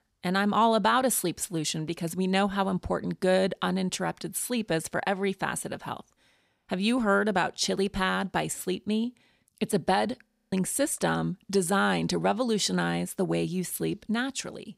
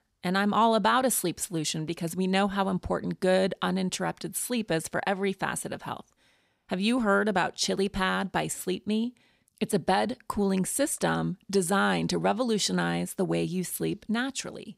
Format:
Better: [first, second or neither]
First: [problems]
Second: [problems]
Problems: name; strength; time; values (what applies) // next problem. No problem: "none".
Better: second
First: audio freezing; at 10 s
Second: none